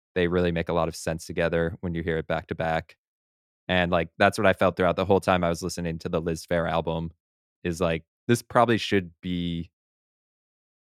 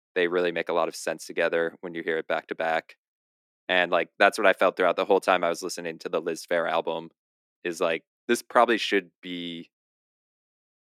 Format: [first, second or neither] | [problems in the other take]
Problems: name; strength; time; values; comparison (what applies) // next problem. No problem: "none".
first | thin; somewhat; fading below 250 Hz